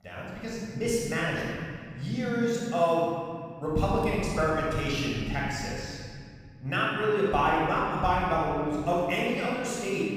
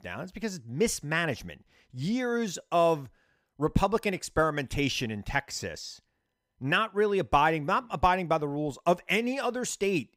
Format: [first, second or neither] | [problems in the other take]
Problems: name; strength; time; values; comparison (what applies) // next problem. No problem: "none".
second | off-mic speech; far // room echo; strong; dies away in 2.2 s